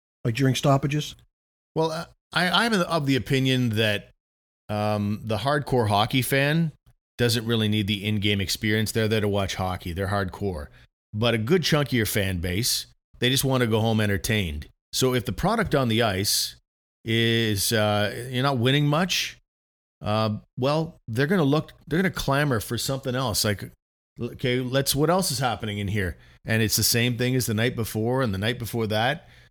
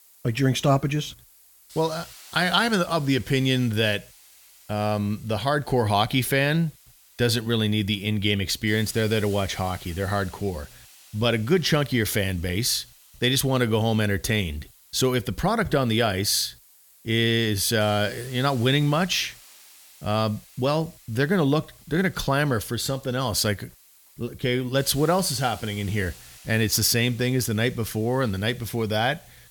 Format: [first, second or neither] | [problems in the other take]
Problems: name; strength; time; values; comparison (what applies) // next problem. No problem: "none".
first | hiss; faint; throughout; 25 dB below the speech